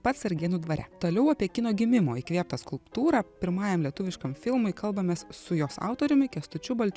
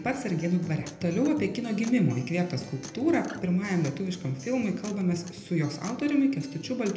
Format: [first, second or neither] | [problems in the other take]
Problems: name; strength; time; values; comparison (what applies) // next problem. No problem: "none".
first | background sound (Acoustic guitar); 17 dB below the speech // room echo; dies away in 0.6 s